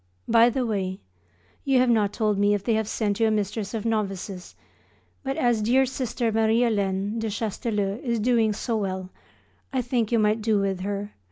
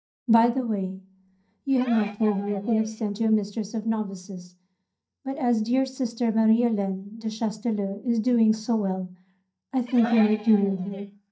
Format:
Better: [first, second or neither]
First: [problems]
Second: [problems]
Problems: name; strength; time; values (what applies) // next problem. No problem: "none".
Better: first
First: none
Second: noise reduction (neural mask model DeepFilterNet 3)